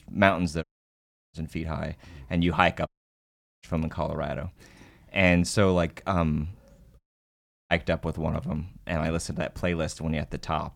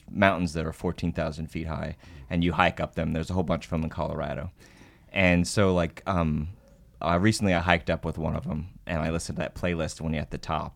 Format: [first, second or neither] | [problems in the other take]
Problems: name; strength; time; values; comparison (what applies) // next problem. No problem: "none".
second | audio cutting out; at 0.5 s for 0.5 s, at 3 s for 0.5 s and at 7 s for 0.5 s